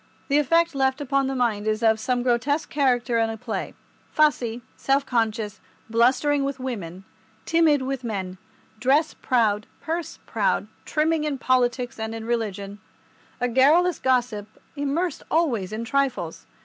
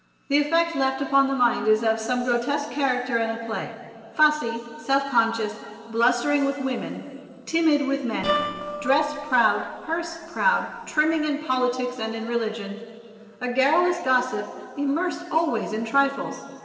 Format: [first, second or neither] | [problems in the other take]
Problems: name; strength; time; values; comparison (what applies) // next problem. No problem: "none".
first | noise reduction (neural separator model SepFormer DNS4)